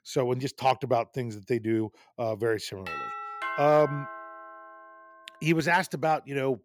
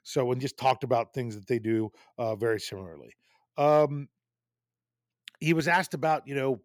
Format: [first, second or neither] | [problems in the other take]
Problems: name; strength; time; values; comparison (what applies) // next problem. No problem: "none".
second | doorbell; noticeable; from 3 to 5 s; peak 5 dB below the speech